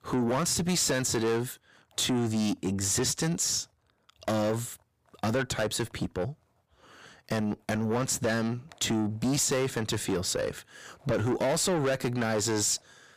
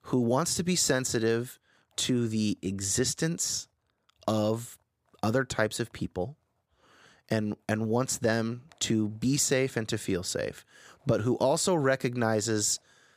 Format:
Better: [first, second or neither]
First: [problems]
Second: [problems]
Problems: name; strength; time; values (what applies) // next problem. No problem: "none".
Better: second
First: distortion; heavy; 7 dB below the speech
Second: none